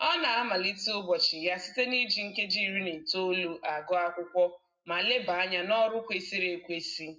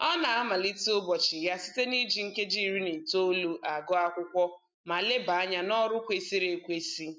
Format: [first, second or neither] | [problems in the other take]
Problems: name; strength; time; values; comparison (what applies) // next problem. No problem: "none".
second | room echo; dies away in 0.3 s